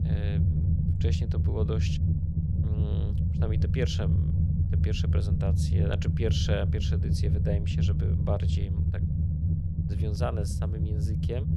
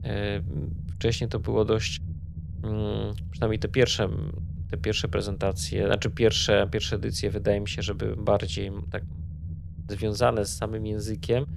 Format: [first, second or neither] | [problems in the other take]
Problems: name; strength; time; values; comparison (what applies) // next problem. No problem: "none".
second | low rumble; loud; throughout; 2 dB below the speech; faint in the second